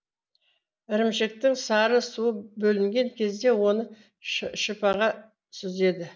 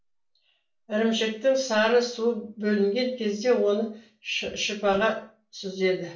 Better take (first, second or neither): first